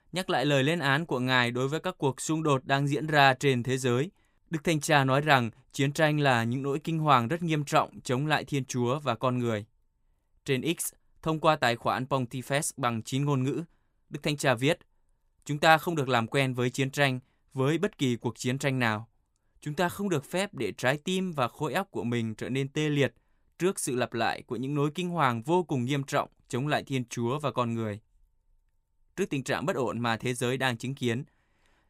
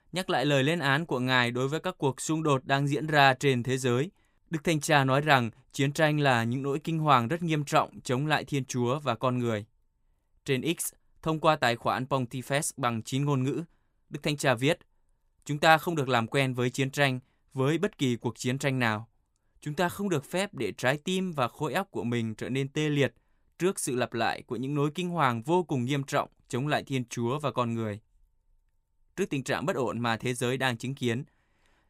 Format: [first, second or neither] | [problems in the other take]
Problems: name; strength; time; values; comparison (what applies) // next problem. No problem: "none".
neither | none